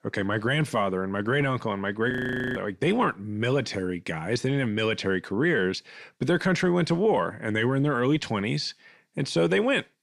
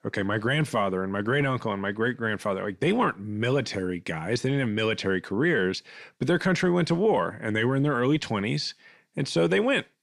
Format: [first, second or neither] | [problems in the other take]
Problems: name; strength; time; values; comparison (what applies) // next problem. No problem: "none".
second | audio freezing; at 2 s